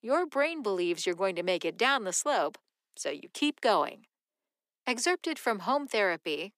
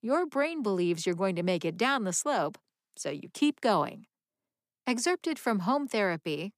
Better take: second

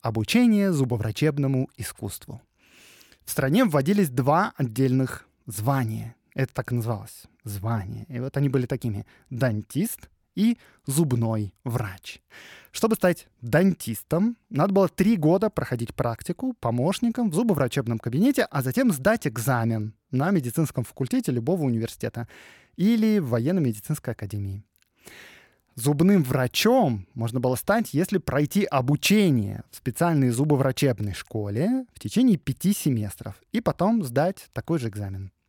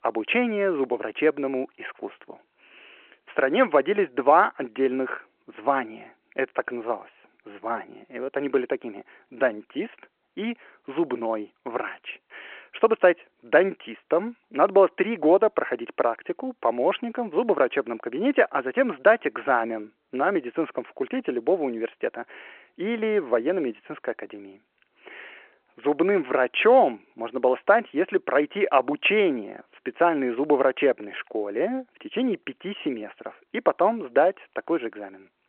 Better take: first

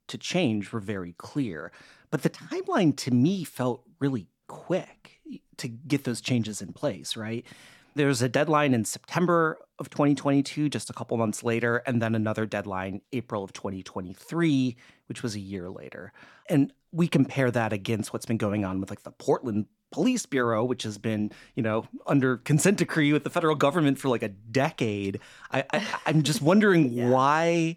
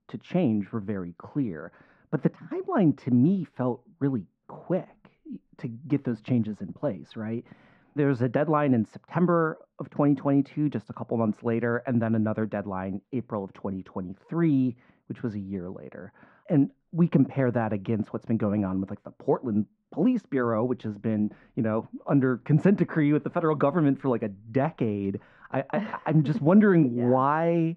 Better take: first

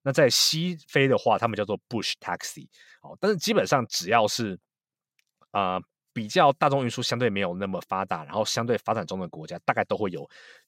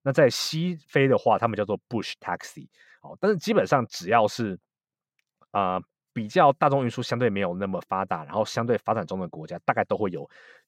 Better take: first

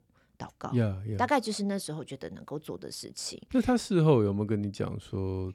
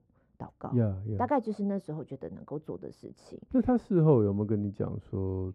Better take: first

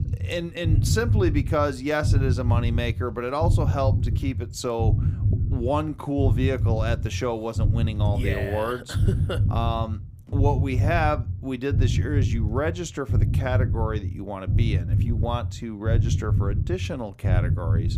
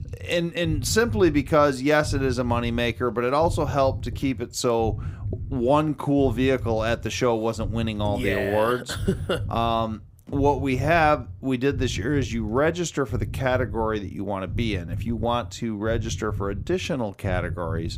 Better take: second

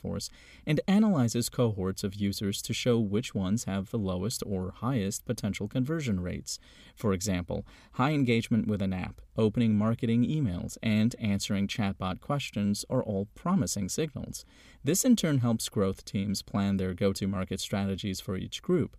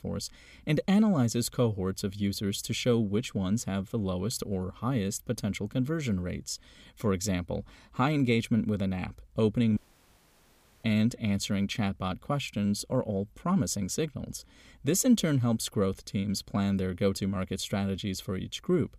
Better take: first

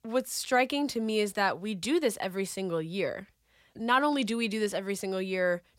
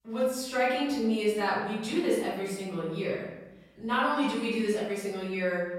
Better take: first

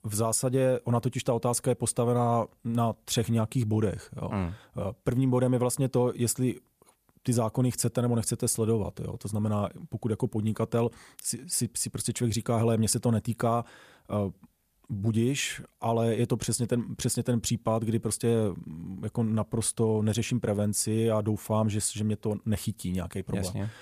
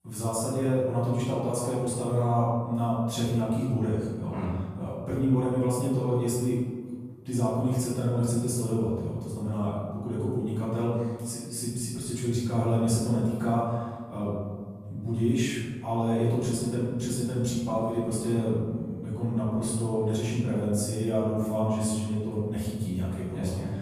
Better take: first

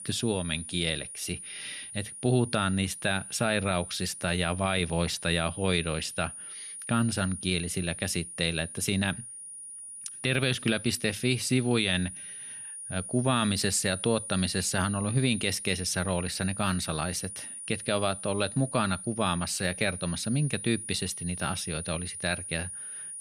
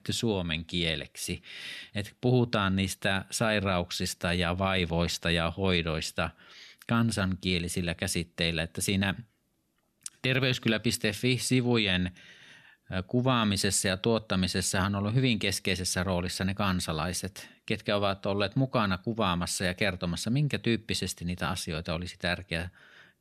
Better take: second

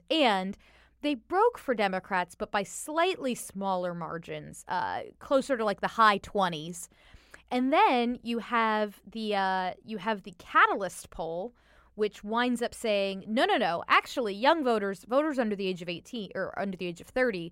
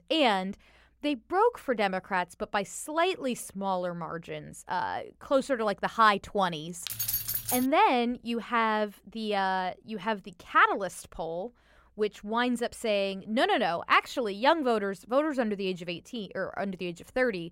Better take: first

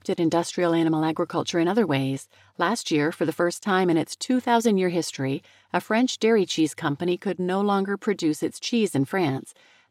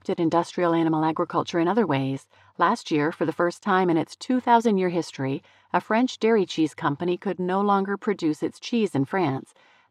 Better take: first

